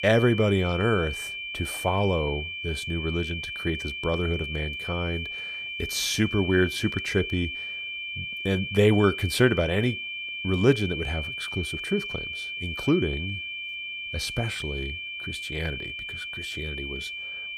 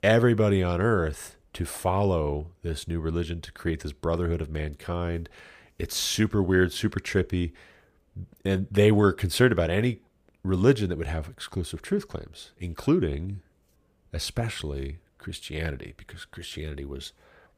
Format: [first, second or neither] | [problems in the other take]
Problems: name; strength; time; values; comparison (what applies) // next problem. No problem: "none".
second | high-pitched whine; loud; throughout; 2.5 kHz, 5 dB below the speech